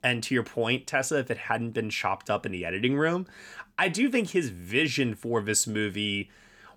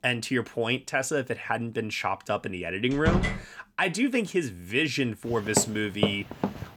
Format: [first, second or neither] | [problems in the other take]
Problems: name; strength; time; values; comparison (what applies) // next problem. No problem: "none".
first | door banging; loud; at 3 s; peak 1 dB above the speech // footsteps; noticeable; from 5.5 s on; peak 2 dB below the speech